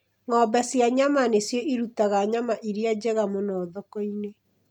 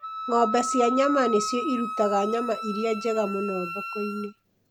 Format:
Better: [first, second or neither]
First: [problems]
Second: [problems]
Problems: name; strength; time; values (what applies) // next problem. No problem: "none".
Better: first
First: none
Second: background sound (Wind instrument, woodwind instrument); 6 dB below the speech